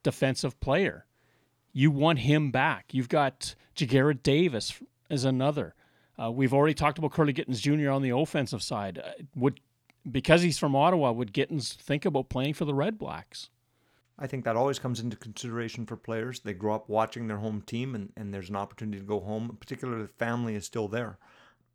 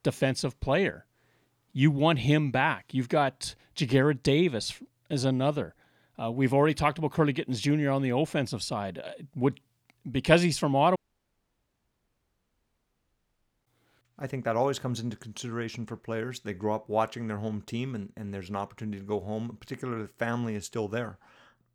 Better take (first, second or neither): first